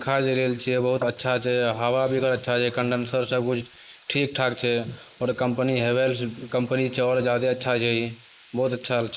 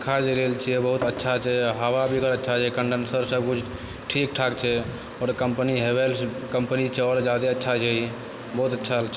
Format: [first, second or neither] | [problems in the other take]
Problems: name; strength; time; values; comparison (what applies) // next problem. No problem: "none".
second | noise reduction (neural mask model Resemble Enhance denoiser)